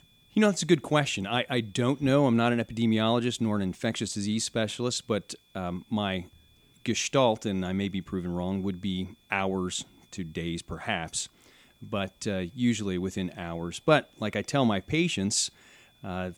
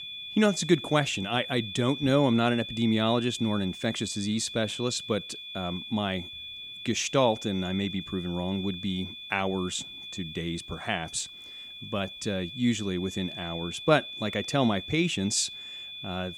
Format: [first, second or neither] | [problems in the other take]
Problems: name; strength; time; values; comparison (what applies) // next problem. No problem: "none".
first | high-pitched whine; loud; throughout; 3.5 kHz, 10 dB below the speech; faint in the first